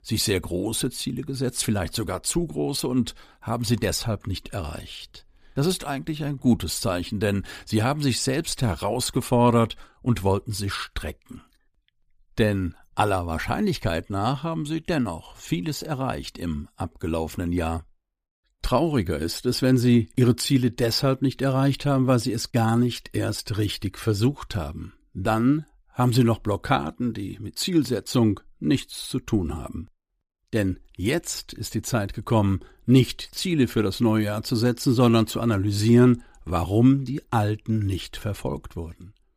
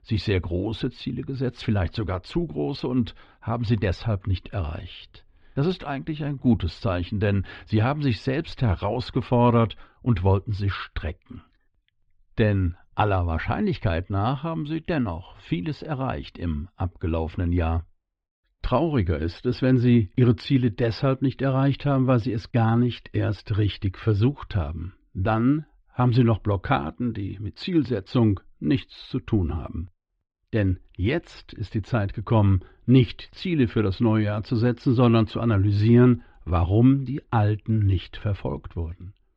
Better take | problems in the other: first | muffled; slightly; fading above 3.5 kHz

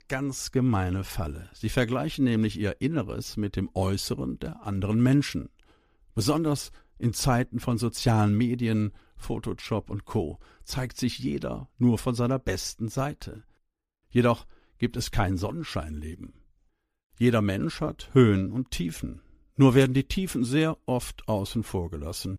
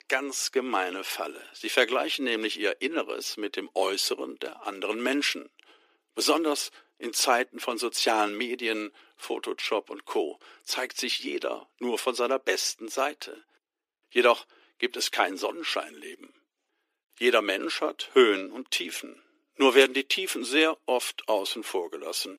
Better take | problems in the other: first | thin; very; fading below 350 Hz

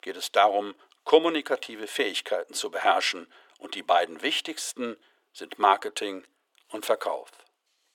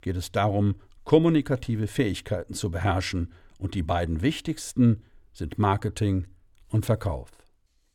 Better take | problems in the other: second | thin; very; fading below 400 Hz

